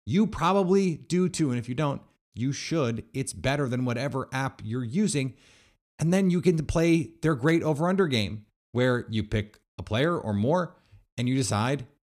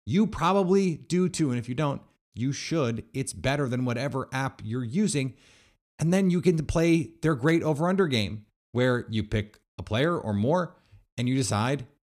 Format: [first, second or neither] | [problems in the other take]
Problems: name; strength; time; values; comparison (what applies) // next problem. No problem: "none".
neither | none